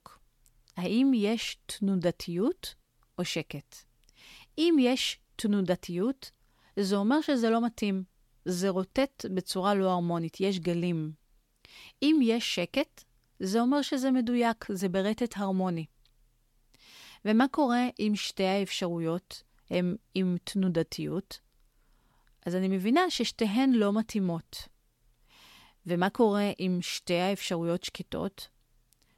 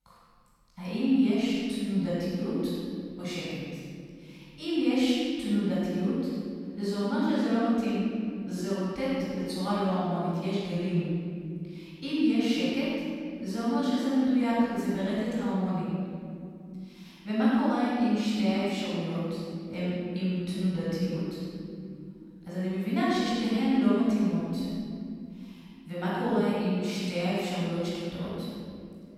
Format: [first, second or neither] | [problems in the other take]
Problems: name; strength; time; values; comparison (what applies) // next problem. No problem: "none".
first | off-mic speech; far // room echo; strong; dies away in 2.6 s